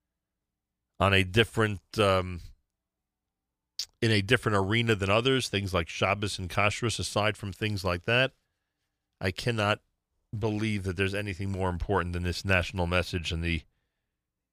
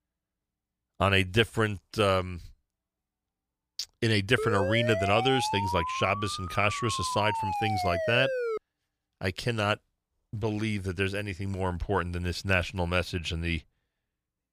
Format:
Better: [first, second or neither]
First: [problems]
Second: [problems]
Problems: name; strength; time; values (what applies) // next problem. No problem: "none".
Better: first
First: none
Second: siren; noticeable; from 4.5 to 8.5 s; peak 2 dB below the speech